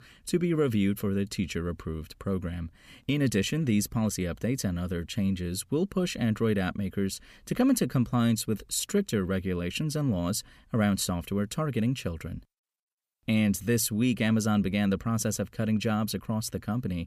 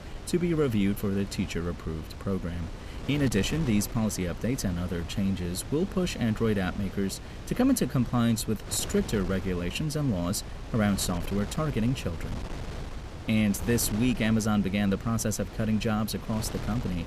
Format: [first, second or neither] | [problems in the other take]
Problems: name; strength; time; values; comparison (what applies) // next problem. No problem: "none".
first | wind noise on the microphone; occasional gusts; 10 dB below the speech